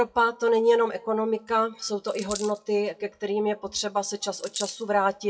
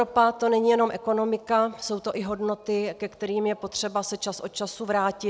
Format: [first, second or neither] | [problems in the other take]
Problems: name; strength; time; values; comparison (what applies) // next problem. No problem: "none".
second | noise reduction (classical method WPE with log-MMSE)